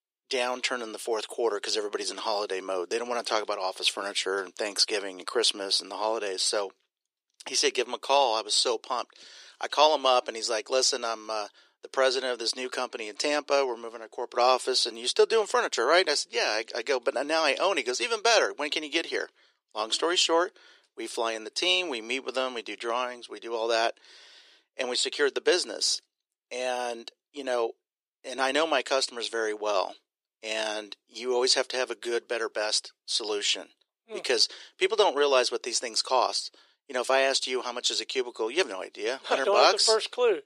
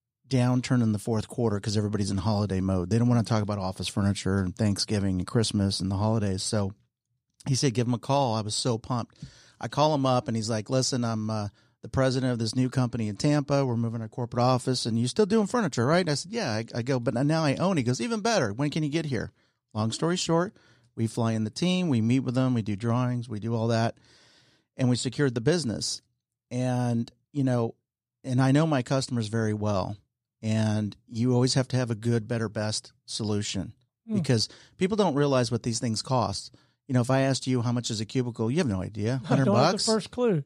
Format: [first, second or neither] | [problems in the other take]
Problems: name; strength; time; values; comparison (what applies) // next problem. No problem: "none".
second | thin; very; fading below 350 Hz